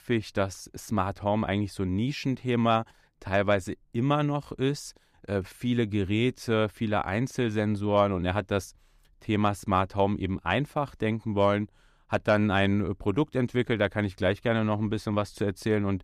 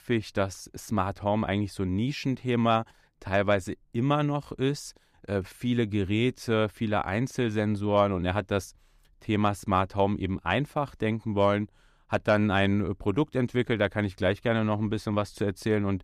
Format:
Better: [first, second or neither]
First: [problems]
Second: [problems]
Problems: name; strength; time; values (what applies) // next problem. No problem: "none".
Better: neither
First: none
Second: none